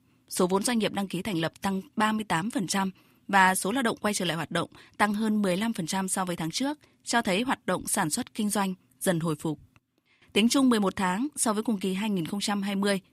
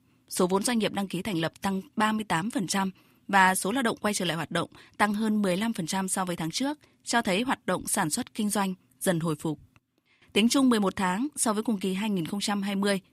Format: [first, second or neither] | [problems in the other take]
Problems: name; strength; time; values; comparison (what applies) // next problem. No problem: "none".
neither | none